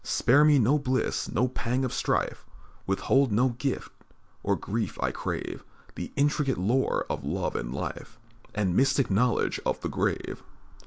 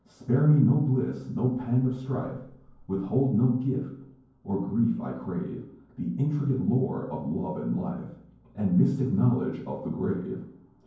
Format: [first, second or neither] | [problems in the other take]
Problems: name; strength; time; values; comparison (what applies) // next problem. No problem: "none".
first | room echo; dies away in 0.9 s